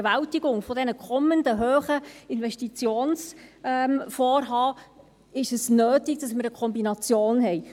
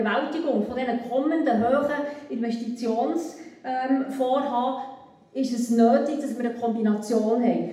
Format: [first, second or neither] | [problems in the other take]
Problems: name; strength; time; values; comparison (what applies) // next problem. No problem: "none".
first | room echo; dies away in 0.8 s